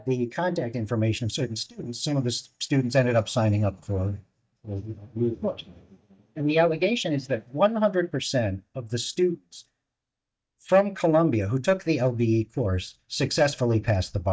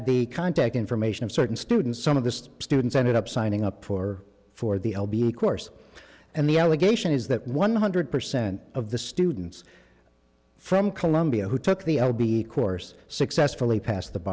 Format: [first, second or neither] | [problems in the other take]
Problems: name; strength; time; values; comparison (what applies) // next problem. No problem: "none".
second | noise reduction (neural mask model DeepFilterNet 3)